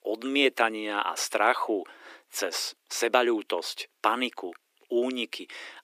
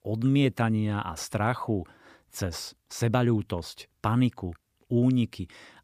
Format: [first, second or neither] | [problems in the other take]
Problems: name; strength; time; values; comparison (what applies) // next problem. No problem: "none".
second | thin; very; fading below 350 Hz